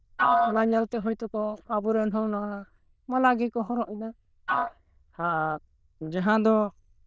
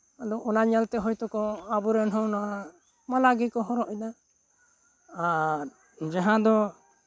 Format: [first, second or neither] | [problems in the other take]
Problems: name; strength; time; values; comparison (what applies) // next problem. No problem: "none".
second | noise reduction (neural diffusion model UNIVERSE++)